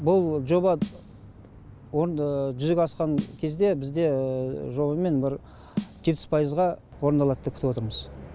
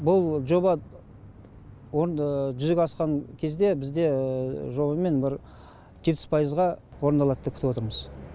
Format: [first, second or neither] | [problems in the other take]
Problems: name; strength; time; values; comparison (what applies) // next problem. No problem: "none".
second | background sound (Snare drum); 14 dB below the speech